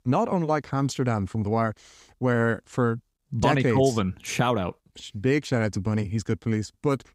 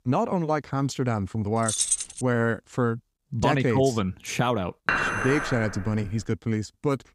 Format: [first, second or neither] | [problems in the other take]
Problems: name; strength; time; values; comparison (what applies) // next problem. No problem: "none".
first | jangling keys; loud; at 1.5 s; peak 3 dB above the speech // clattering dishes; loud; from 5 to 6 s; peak 2 dB above the speech